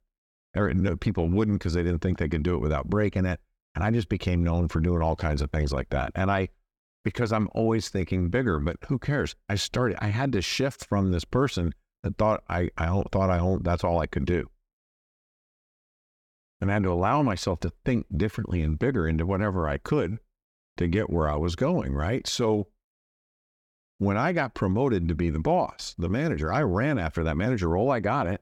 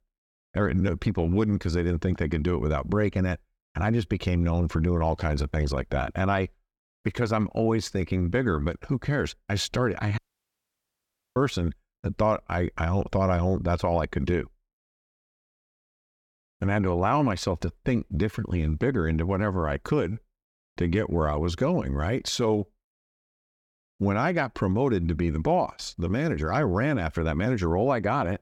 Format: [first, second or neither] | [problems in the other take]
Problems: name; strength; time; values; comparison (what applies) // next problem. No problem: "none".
first | audio cutting out; at 10 s for 1 s